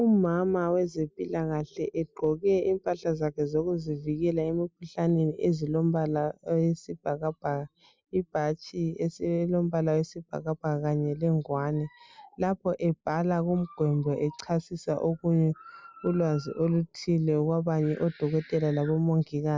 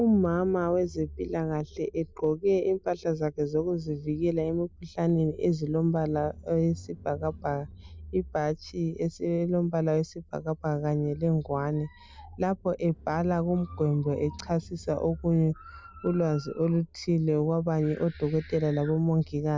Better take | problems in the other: first | background sound (Engine / Car); 20 dB below the speech

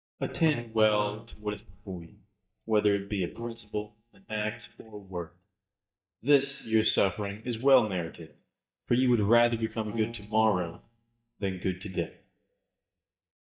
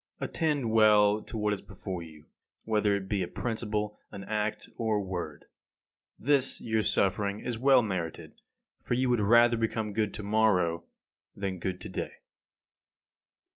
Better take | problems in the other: second | noise reduction (neural mask model DeepFilterNet 3)

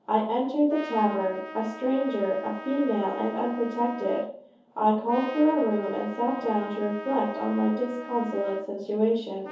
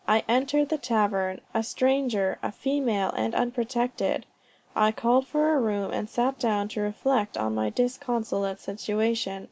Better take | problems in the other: second | background sound (Trumpet); 15 dB below the speech // room echo; dies away in 0.6 s

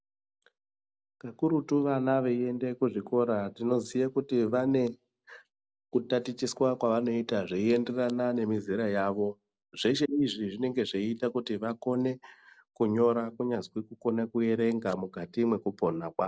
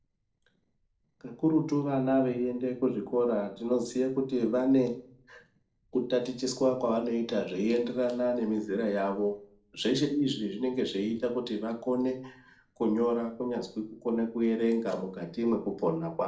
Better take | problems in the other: first | noise reduction (neural separator model SepFormer DNS4)

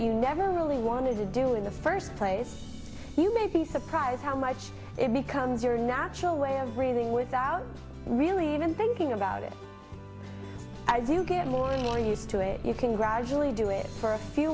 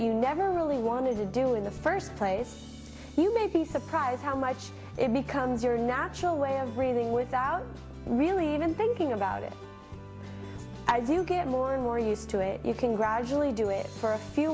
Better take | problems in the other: second | background sound (Accelerating, revving, vroom); 15 dB below the speech

